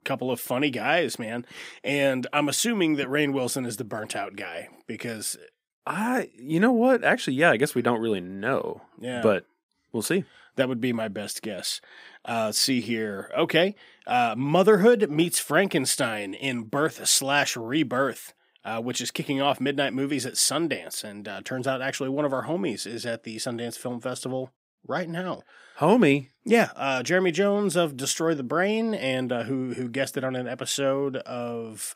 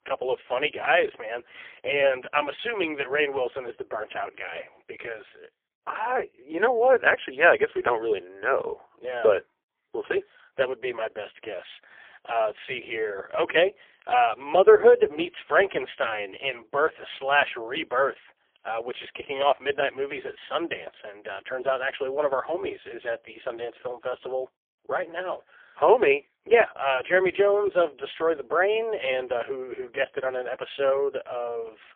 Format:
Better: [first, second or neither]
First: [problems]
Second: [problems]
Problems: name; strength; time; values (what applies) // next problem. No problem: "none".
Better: first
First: none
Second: phone-call audio; poor line; nothing above 3.5 kHz